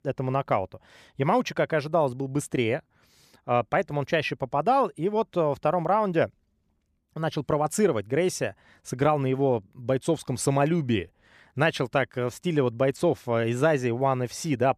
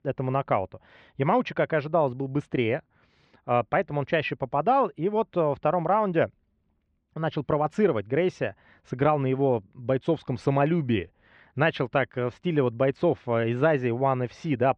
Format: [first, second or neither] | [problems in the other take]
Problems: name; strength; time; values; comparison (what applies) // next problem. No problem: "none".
first | muffled; very; fading above 3 kHz